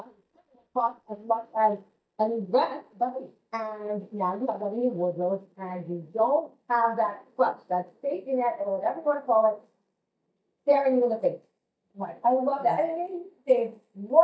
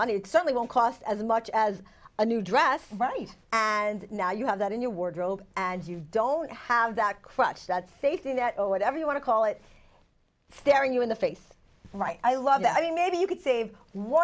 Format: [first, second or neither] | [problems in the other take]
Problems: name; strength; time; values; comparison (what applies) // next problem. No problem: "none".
second | noise reduction (neural mask model DeepFilterNet 3)